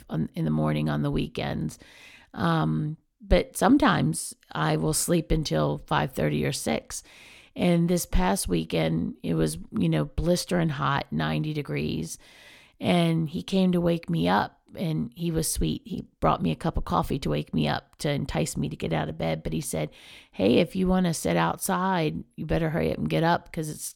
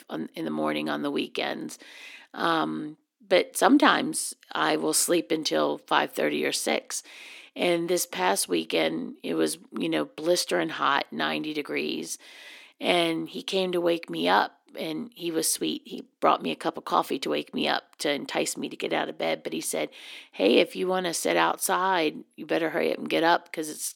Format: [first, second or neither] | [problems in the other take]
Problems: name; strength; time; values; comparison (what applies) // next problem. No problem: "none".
first | thin; somewhat; fading below 300 Hz